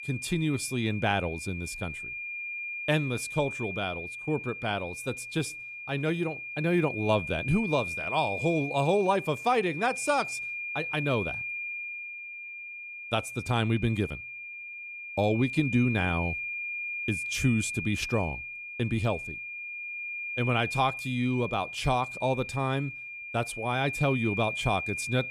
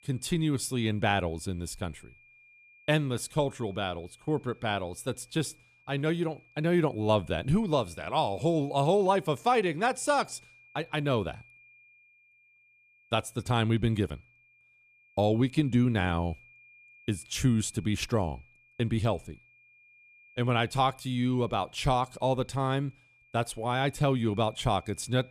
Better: second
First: high-pitched whine; loud; throughout; 2.5 kHz, 5 dB below the speech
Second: high-pitched whine; faint; throughout; 2.5 kHz, 30 dB below the speech

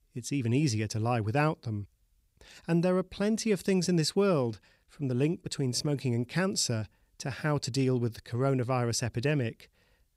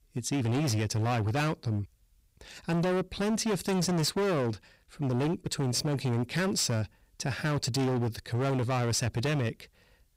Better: first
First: none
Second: distortion; heavy; 24% of the sound clipped

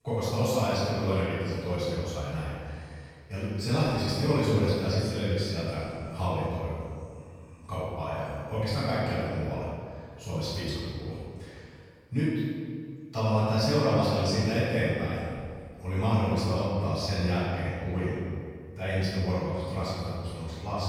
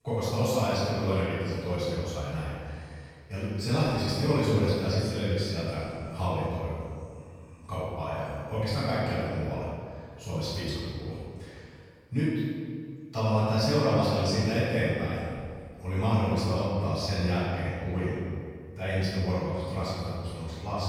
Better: neither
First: off-mic speech; far // room echo; strong; dies away in 1.8 s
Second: off-mic speech; far // room echo; strong; dies away in 1.8 s

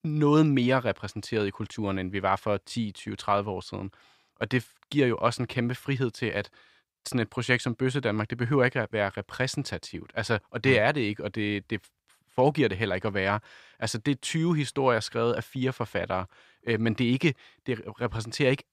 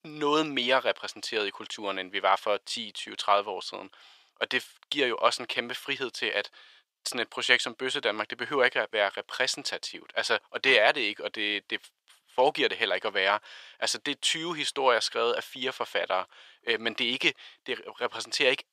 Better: first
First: none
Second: thin; very; fading below 600 Hz

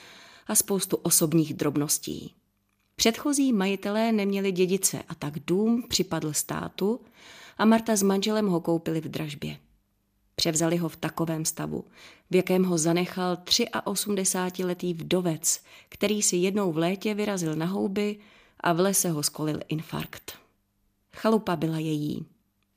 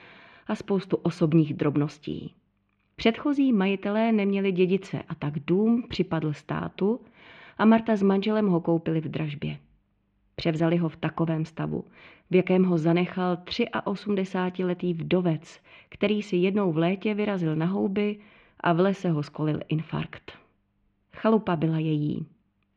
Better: first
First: none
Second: muffled; very; fading above 3 kHz

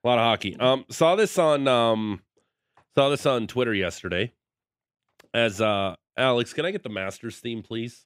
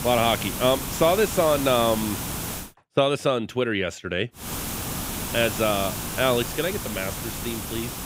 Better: first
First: none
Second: hiss; loud; until 2.5 s and from 4.5 s on; 6 dB below the speech

